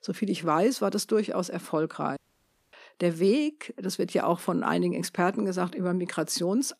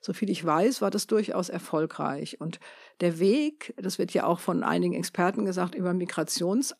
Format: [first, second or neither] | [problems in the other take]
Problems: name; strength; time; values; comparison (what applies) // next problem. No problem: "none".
second | audio cutting out; at 2 s for 0.5 s